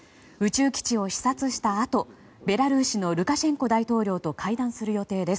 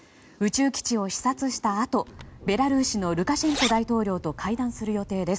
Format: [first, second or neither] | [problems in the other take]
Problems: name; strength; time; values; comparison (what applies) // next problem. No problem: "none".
first | background sound (Zipper (clothing)); 11 dB below the speech